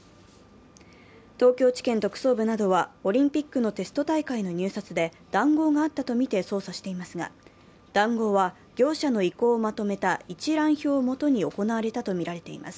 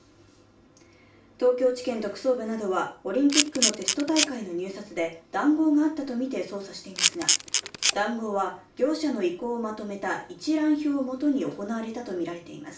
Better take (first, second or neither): first